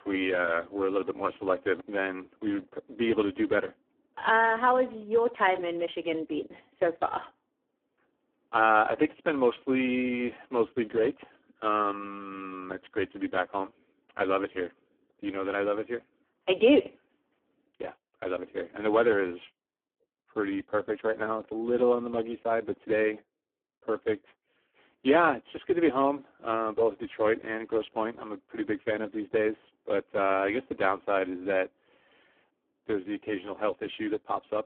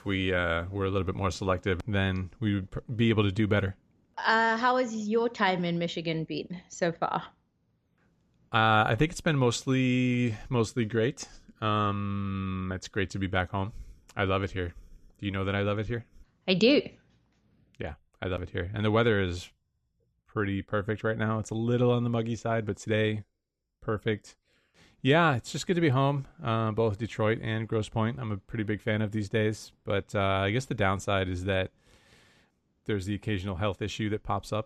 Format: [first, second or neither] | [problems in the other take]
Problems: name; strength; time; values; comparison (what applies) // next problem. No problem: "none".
second | phone-call audio; poor line